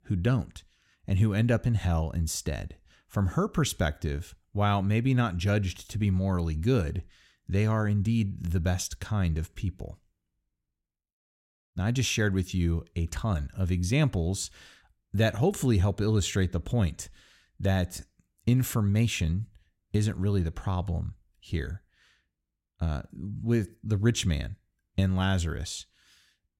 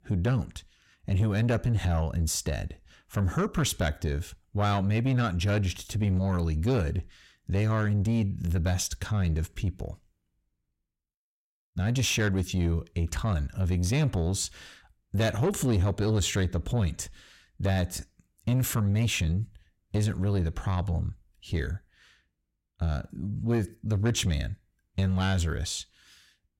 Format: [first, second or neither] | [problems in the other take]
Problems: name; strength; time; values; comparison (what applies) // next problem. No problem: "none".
first | distortion; slight; 10 dB below the speech